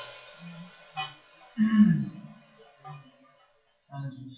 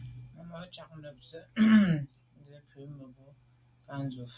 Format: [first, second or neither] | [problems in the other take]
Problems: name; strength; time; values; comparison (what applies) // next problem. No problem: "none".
second | noise reduction (classical method WPE with log-MMSE)